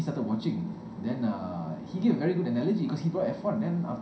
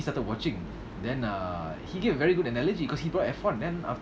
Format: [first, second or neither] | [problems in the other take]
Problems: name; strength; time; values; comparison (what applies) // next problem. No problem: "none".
second | room echo; dies away in 0.5 s